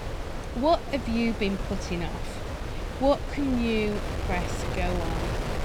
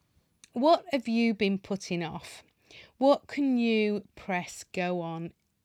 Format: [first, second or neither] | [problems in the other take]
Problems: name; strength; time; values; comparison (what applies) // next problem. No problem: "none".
second | wind noise on the microphone; heavy; 7 dB below the speech